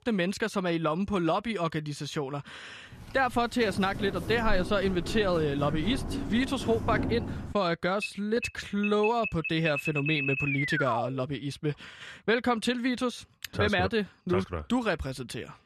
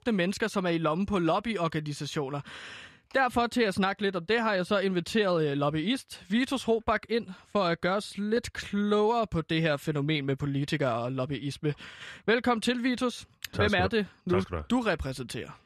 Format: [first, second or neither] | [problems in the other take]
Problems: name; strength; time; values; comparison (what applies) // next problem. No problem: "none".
second | footsteps; noticeable; from 3.5 to 7.5 s; peak 2 dB below the speech // alarm; loud; from 8 to 11 s; peak 1 dB above the speech